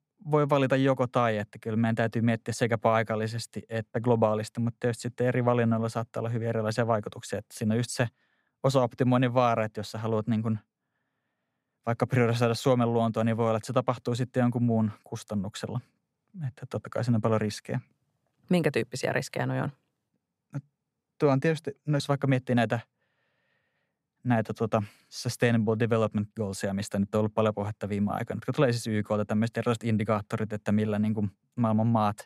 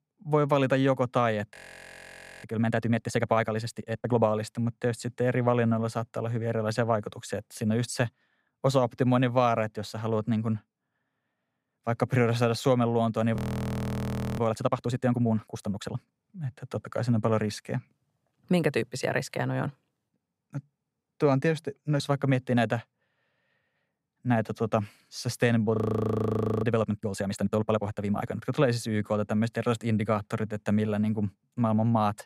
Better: first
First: none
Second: audio freezing; at 1.5 s for 1 s, at 13 s for 1 s and at 26 s for 1 s

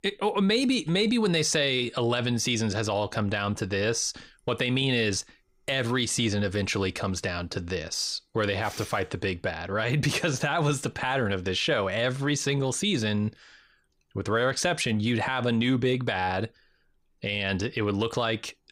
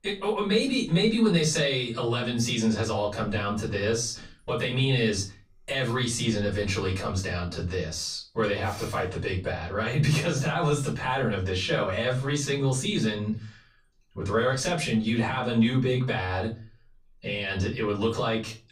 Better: first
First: none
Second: off-mic speech; far // room echo; slight; dies away in 0.3 s

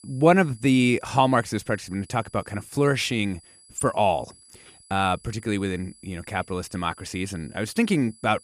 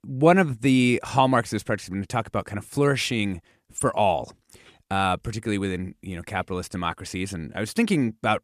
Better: second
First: high-pitched whine; faint; throughout; 10 kHz, 25 dB below the speech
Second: none

